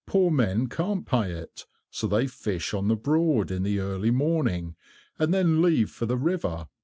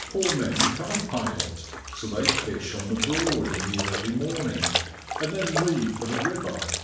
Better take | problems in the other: first | background sound (Trickle, dribble / Splash, splatter); 1 dB below the speech // room echo; dies away in 0.7 s

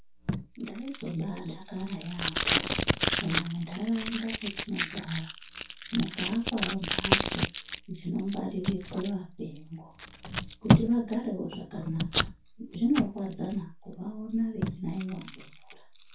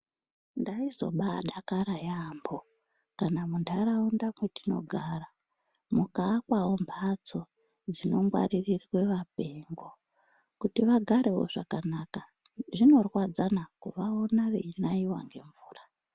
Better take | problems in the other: second | background sound (Packing tape, duct tape); 1 dB above the speech // room echo; dies away in 0.2 s

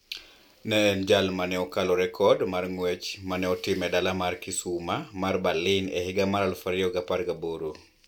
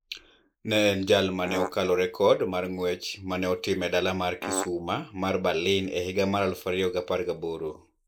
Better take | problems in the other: first | noise reduction (neural mask model Resemble Enhance denoiser)

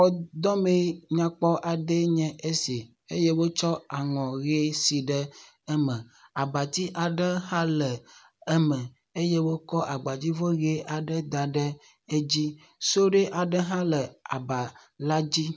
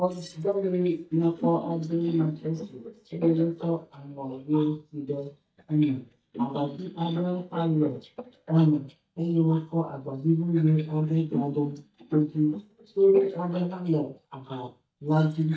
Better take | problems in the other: first | noise reduction (neural mask model DeepFilterNet 3)

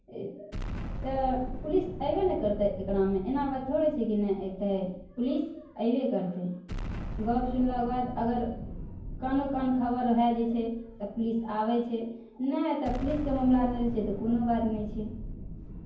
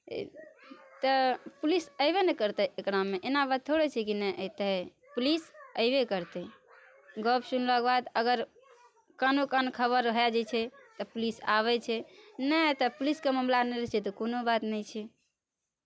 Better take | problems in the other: second | background sound (Explosion); 9 dB below the speech // room echo; dies away in 0.9 s

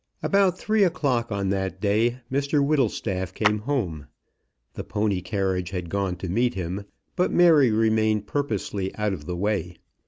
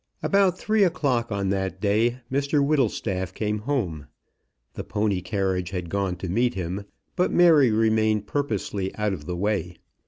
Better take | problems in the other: second | background sound (Clapping); 9 dB below the speech

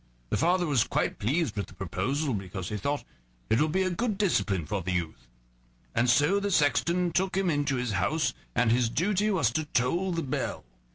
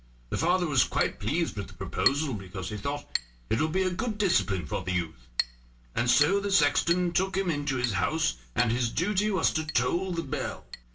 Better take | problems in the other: first | background sound (Chink, clink); 11 dB below the speech // room echo; dies away in 0.2 s

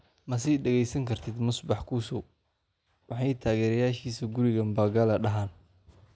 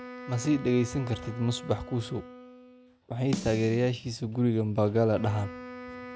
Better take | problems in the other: first | background sound (Wind instrument, woodwind instrument + Snare drum); 13 dB below the speech

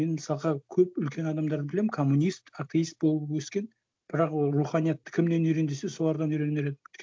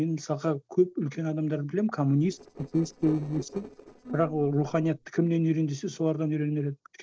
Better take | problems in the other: first | noise reduction (neural separator model SepFormer DNS4)

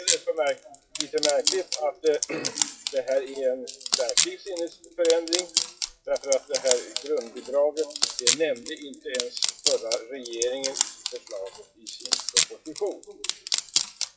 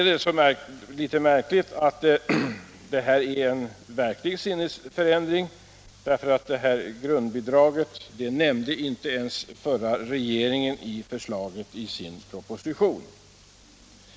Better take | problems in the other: second | noise reduction (classical method WPE with log-MMSE)

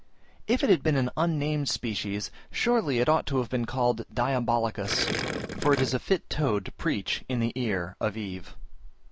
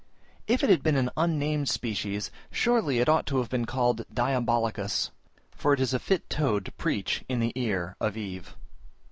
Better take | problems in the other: second | background sound (Gurgling); 4 dB below the speech

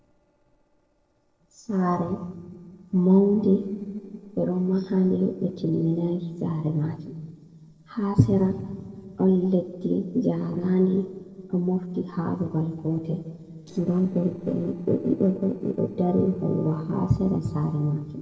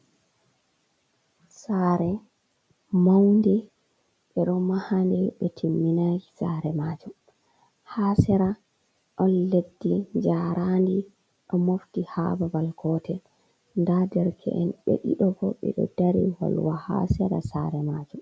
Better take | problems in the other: second | noise reduction (neural separator model SepFormer DNS4)

